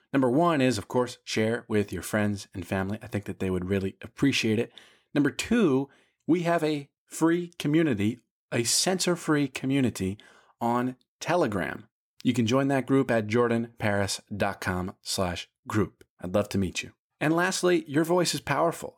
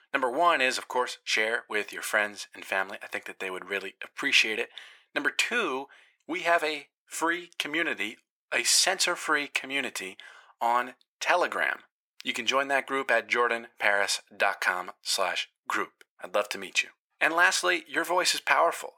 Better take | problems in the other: first | thin; very; fading below 700 Hz

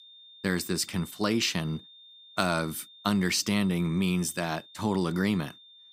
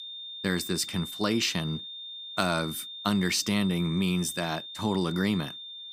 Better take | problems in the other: first | high-pitched whine; loud; throughout; 3.5 kHz, 9 dB below the speech; faint in the first

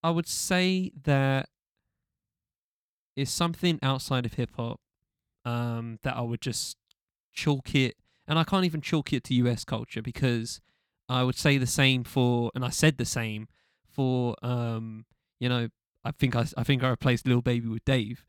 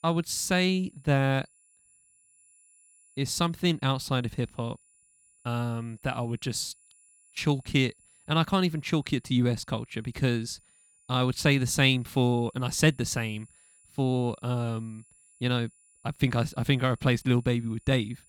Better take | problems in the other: first | high-pitched whine; faint; throughout; 10 kHz, 30 dB below the speech

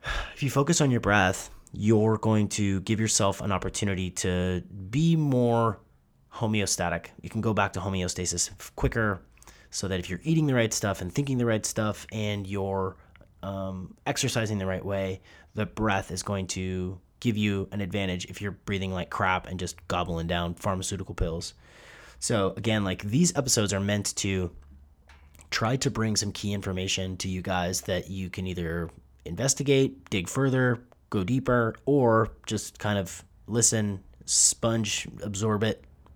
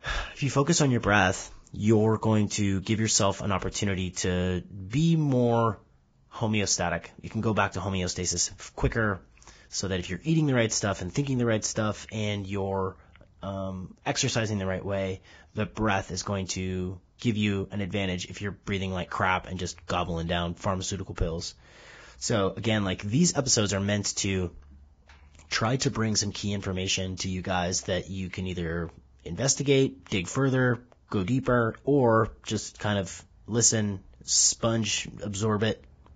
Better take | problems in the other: first | garbled, watery; badly; nothing above 7.5 kHz

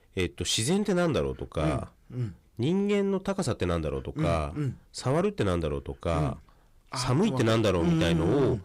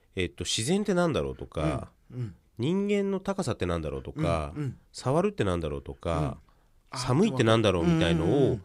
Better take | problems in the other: second | distortion; slight; 10 dB below the speech

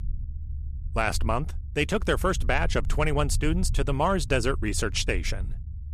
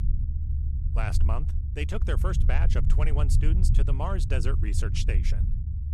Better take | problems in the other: first | low rumble; loud; throughout; 7 dB below the speech; faint in the first

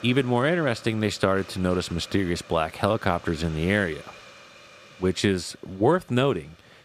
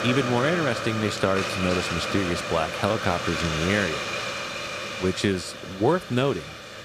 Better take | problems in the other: first | hiss; loud; throughout; 4 dB below the speech; faint in the first

